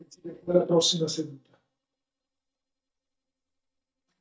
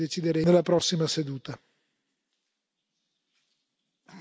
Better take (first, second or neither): second